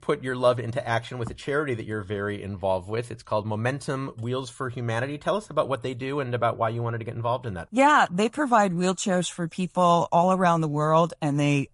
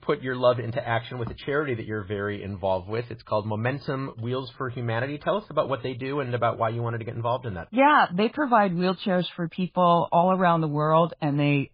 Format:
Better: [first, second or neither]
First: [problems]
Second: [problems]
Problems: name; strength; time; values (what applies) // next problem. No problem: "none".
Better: first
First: garbled, watery; slightly; nothing above 11 kHz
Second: garbled, watery; badly; nothing above 4 kHz